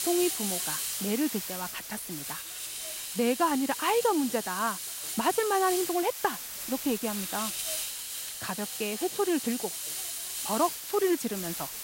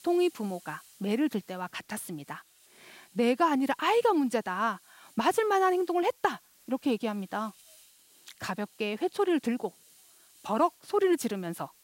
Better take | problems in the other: second | hiss; loud; throughout; 3 dB below the speech; faint in the second

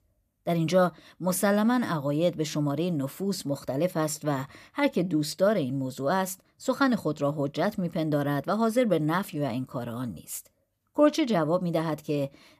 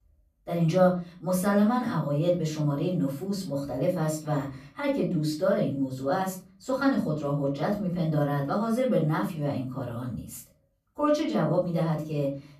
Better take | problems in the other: first | room echo; slight; dies away in 0.4 s // off-mic speech; far

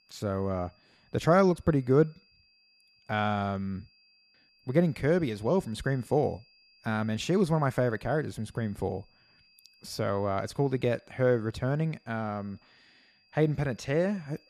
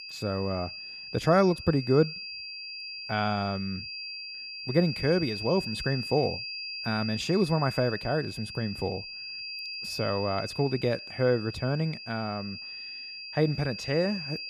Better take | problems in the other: first | high-pitched whine; loud; throughout; 5 kHz, 8 dB below the speech; faint in the first

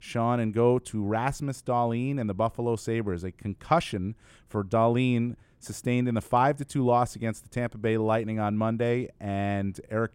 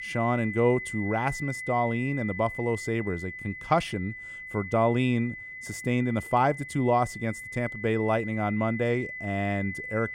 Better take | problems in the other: first | high-pitched whine; loud; throughout; 2 kHz, 9 dB below the speech

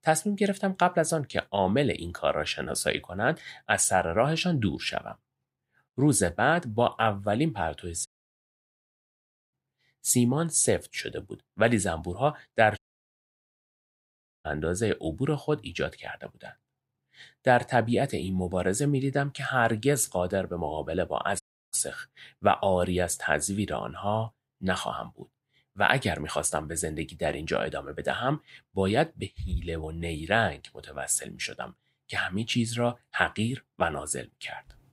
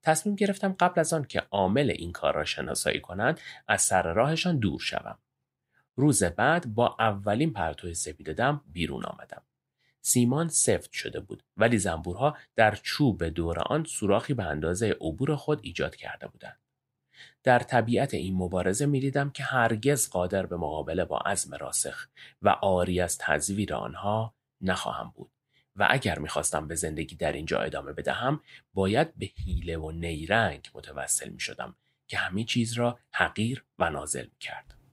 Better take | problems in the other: second | audio cutting out; at 8 s for 1.5 s, at 13 s for 1.5 s and at 21 s

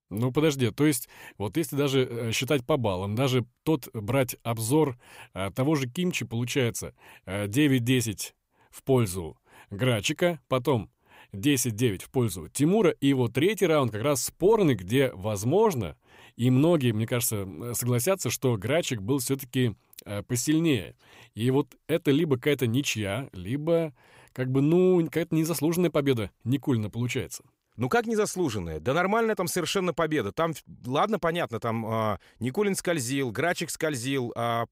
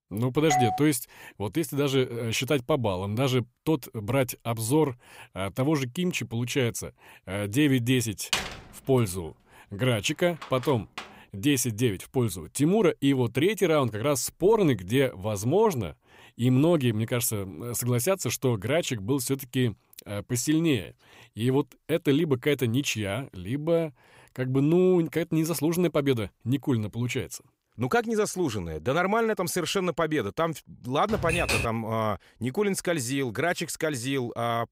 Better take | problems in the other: first | doorbell; loud; at 0.5 s; peak level with the speech // door banging; noticeable; from 8.5 to 11 s; peak 2 dB below the speech // keyboard typing; loud; at 31 s; peak level with the speech

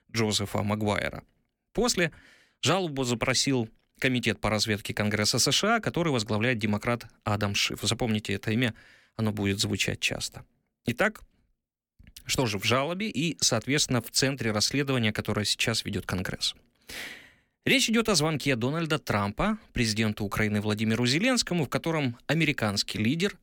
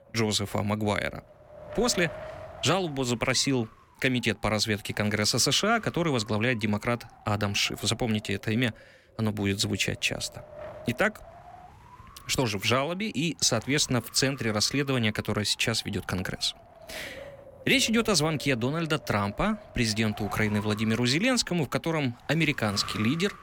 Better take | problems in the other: first | wind noise on the microphone; occasional gusts; 20 dB below the speech

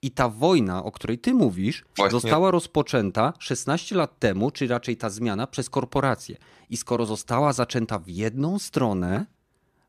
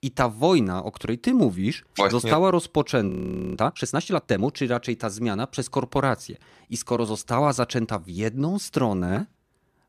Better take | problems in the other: first | audio freezing; at 3 s

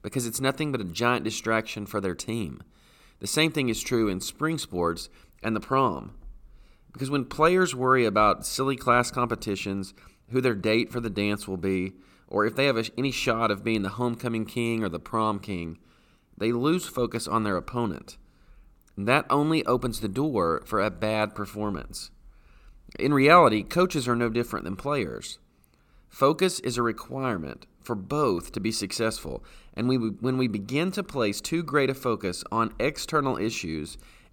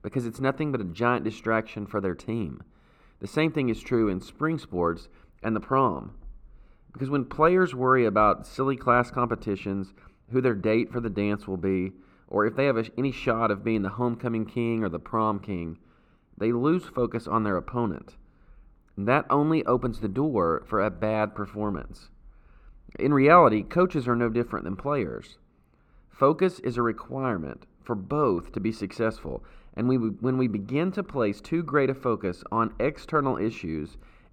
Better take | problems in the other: first | muffled; very; fading above 3 kHz

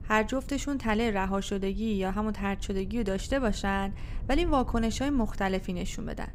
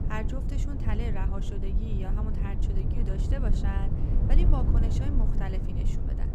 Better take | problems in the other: first | low rumble; loud; throughout; 1 dB below the speech; faint in the first

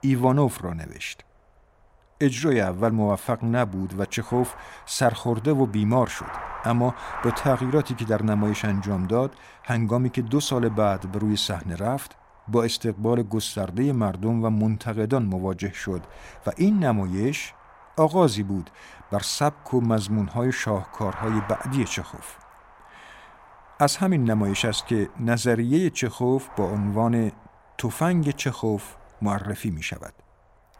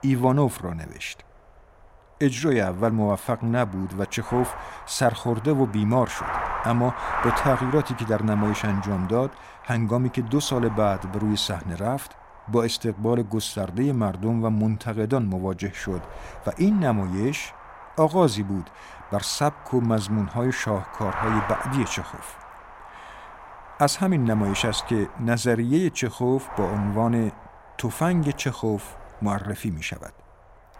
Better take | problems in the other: first | wind noise on the microphone; heavy; 6 dB below the speech; occasional gusts in the first

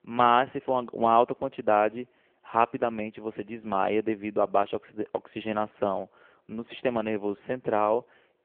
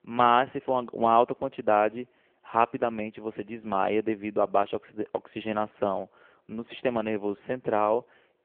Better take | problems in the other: neither | phone-call audio; poor line; the same in both

